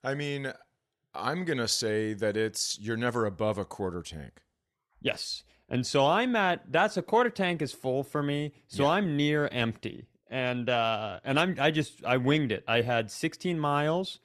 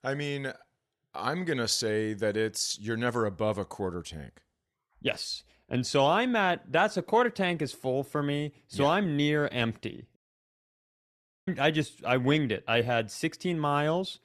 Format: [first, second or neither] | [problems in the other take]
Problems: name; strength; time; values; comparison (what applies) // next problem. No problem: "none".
first | audio cutting out; at 10 s for 1.5 s